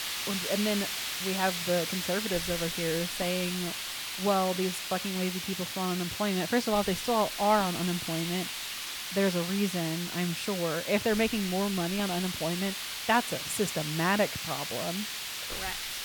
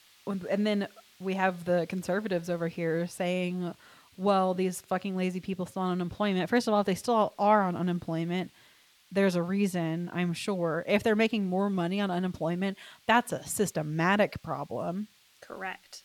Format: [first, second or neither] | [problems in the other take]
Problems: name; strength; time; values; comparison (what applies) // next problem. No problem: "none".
second | hiss; loud; throughout; 3 dB below the speech; faint in the second